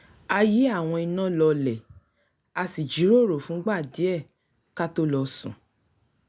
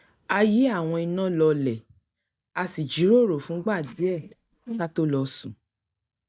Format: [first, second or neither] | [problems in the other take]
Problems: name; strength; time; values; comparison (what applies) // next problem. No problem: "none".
first | noise reduction (neural mask model DeepFilterNet 3)